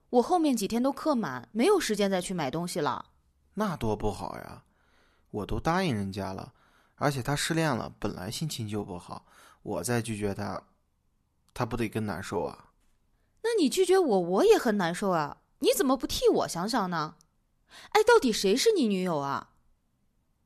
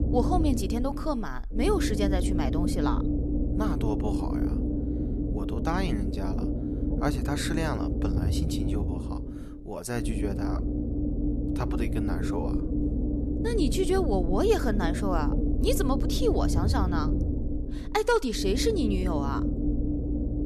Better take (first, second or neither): first